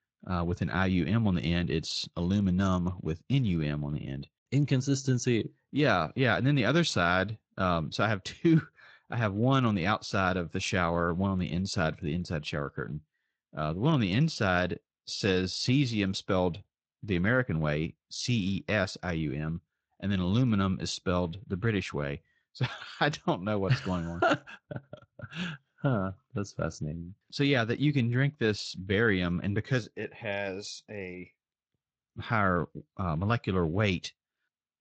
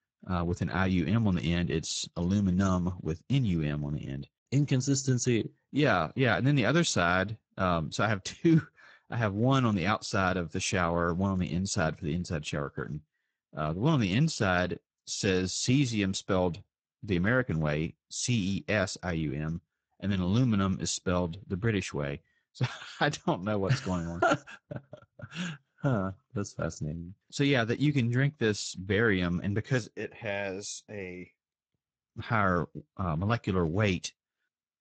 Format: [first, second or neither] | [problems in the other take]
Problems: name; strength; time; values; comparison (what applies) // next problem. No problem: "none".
first | garbled, watery; badly; nothing above 8 kHz; slightly in the first